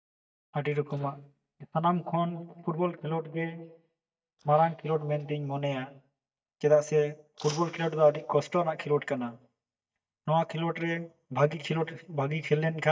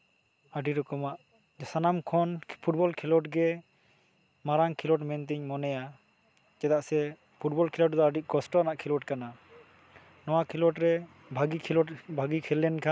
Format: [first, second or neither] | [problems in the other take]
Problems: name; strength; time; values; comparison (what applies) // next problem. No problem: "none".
second | noise reduction (neural mask model DeepFilterNet 3)